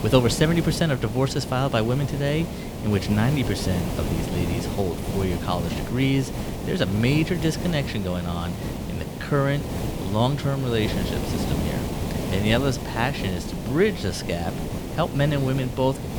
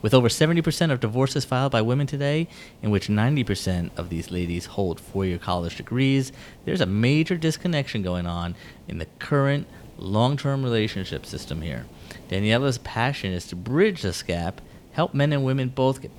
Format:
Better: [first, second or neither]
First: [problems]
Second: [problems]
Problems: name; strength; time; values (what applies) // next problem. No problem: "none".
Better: second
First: hiss; loud; throughout; 5 dB below the speech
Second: hiss; faint; throughout; 25 dB below the speech